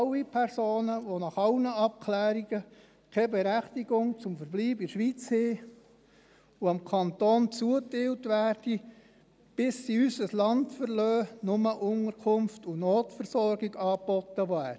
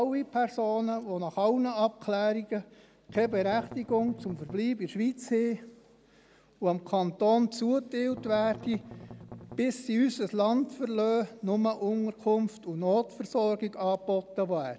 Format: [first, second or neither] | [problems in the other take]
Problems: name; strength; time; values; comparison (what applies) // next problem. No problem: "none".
first | background sound (Strum); 15 dB below the speech